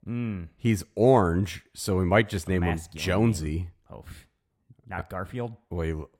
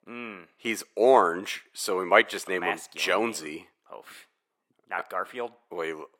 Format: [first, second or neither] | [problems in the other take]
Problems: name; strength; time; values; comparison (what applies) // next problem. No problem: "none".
first | thin; very; fading below 400 Hz